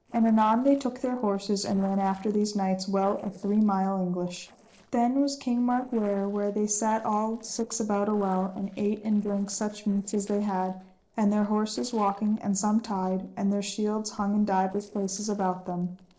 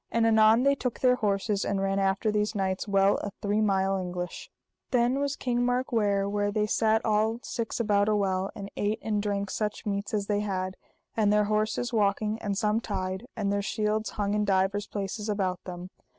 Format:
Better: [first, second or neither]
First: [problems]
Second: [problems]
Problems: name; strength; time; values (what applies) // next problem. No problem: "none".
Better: second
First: noise reduction (neural separator model SepFormer DNS4)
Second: none